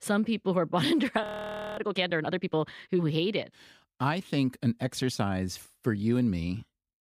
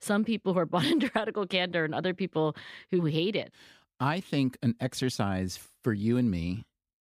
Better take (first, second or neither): second